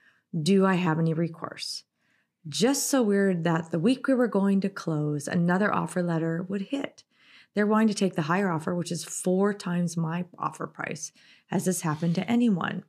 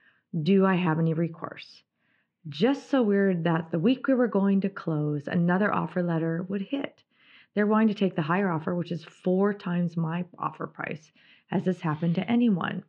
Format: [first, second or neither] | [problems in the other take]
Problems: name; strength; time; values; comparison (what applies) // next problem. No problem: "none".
first | muffled; very; fading above 3 kHz